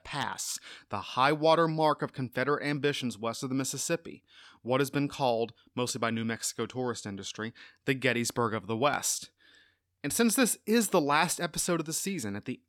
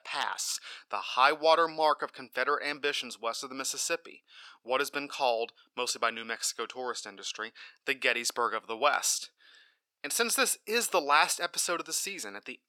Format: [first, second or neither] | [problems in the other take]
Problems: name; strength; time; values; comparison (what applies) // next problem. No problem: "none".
first | thin; very; fading below 600 Hz